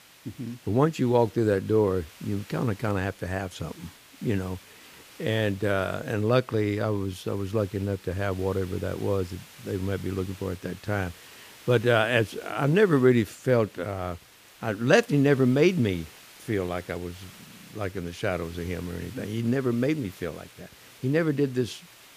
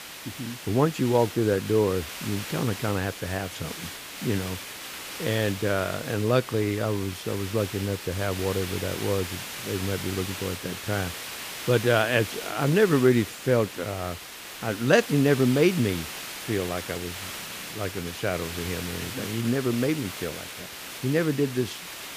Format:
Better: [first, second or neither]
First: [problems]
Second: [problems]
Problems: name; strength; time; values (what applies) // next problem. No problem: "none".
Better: first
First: hiss; faint; throughout; 20 dB below the speech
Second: hiss; loud; throughout; 9 dB below the speech